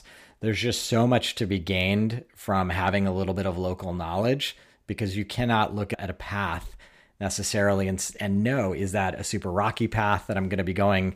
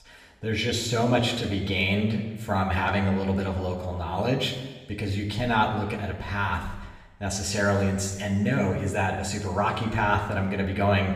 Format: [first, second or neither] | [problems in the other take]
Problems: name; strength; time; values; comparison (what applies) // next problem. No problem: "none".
first | room echo; noticeable; dies away in 1.1 s // off-mic speech; somewhat distant